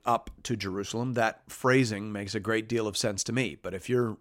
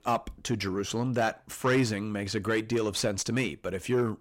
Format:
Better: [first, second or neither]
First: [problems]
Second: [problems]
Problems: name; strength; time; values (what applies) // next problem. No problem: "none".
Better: first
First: none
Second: distortion; slight; 10 dB below the speech